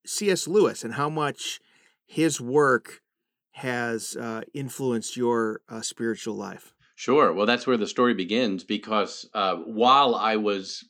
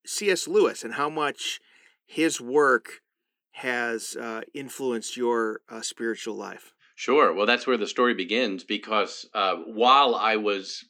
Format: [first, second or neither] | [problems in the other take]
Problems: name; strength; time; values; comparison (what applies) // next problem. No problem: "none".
first | thin; very slightly; fading below 300 Hz